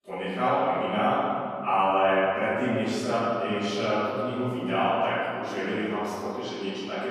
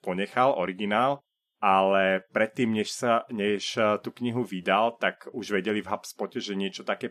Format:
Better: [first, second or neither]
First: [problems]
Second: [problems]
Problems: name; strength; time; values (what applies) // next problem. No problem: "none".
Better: second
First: off-mic speech; far // room echo; strong; dies away in 2.5 s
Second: none